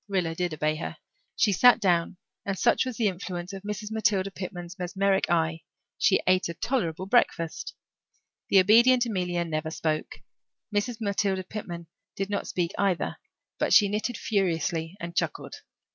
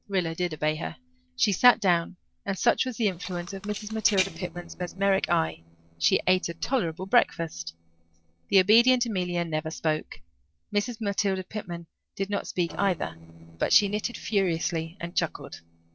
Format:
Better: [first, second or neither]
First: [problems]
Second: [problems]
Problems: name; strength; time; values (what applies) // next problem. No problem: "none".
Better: first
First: none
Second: noise reduction (neural separator model SepFormer DNS4)